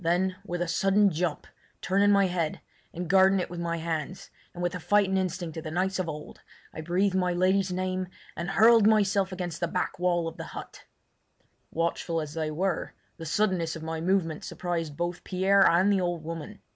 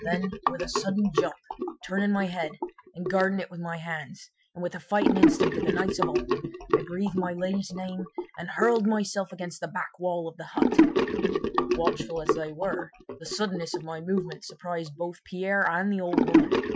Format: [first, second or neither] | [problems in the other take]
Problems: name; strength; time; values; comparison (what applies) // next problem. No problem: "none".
first | noise reduction (classical method Wiener filter)